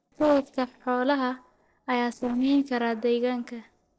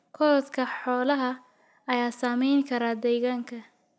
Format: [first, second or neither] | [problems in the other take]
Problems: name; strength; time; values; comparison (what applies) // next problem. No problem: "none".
second | noise reduction (neural separator model SepFormer DNS4)